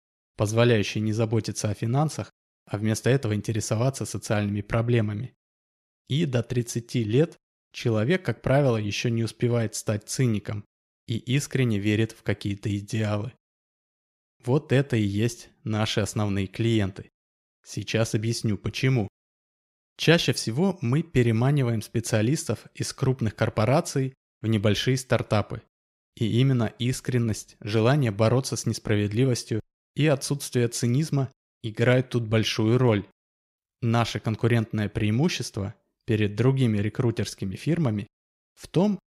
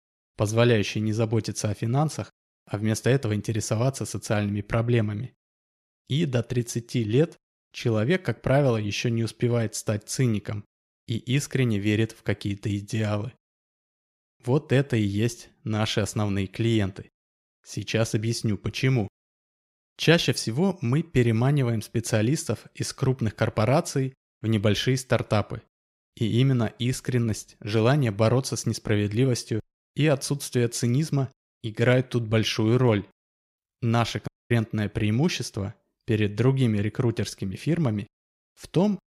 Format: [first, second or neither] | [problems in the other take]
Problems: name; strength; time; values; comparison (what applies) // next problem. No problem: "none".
first | audio cutting out; at 34 s